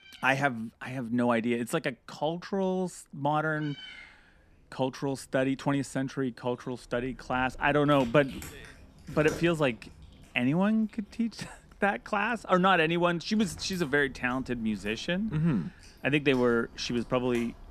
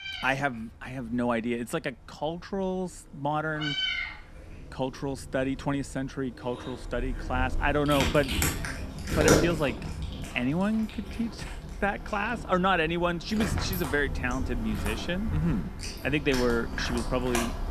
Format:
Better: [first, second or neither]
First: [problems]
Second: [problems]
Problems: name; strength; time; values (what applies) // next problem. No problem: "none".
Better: first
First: animal sounds; faint; throughout; 20 dB below the speech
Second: animal sounds; loud; throughout; 3 dB below the speech